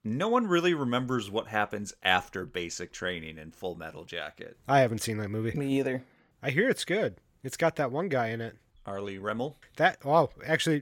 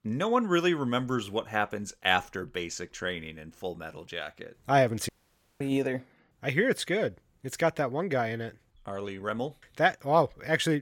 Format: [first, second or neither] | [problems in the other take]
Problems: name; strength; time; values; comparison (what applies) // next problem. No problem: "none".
first | audio cutting out; at 5 s for 0.5 s